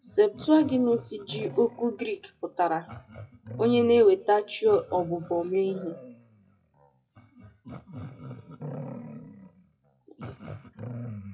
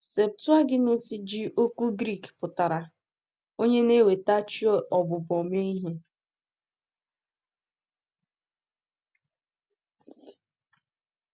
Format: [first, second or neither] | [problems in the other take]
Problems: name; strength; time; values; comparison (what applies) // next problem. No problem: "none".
second | noise reduction (classical method WPE with log-MMSE)